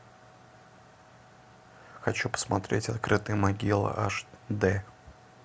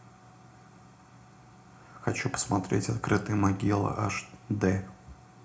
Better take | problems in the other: first | room echo; dies away in 0.4 s

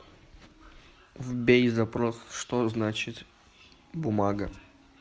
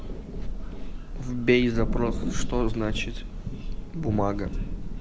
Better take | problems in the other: first | background sound (Thunder / Rain); as loud as the speech

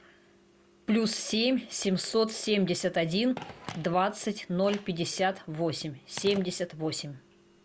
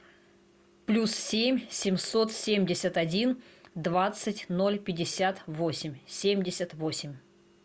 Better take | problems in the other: second | background sound (Telephone); 20 dB below the speech

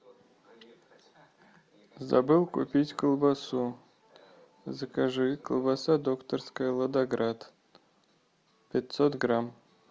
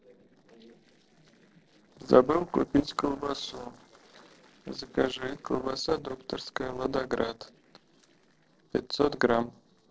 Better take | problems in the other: first | noise reduction (neural separator model SepFormer DNS4)

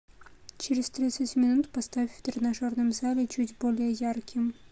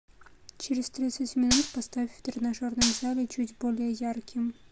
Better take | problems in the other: first | background sound (Gunshot, gunfire); 3 dB below the speech

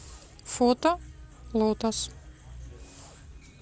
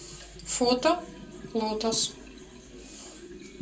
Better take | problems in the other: first | background sound (Liquid); 15 dB below the speech // room echo; dies away in 0.2 s

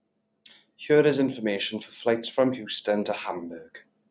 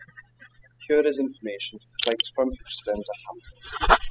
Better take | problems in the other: first | noise reduction (classical method spectral subtraction)

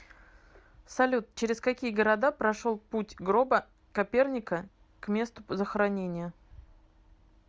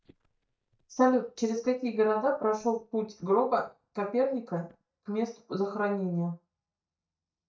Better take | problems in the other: first | noise reduction (neural mask model DeepFilterNet 3)

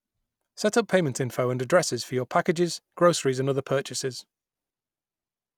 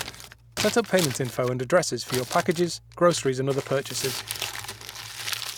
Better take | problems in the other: first | background sound (Crumpling, crinkling); 9 dB below the speech

